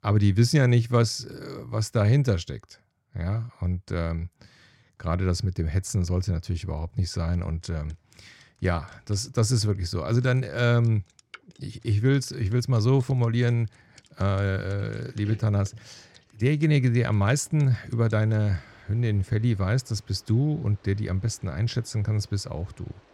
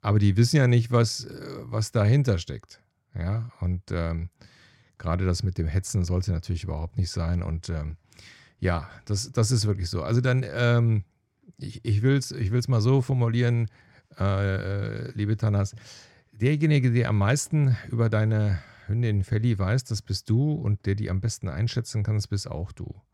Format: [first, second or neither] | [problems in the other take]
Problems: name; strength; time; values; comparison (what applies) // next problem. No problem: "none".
second | rain or running water; faint; from 7.5 s on; 30 dB below the speech